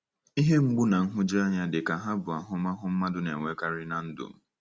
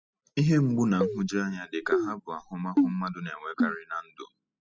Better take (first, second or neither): first